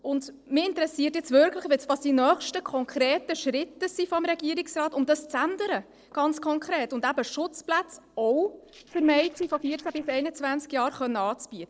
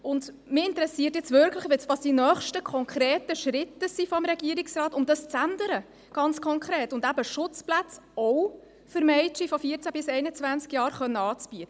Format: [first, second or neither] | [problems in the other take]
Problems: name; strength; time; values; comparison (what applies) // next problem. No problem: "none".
second | noise reduction (neural separator model SepFormer DNS4)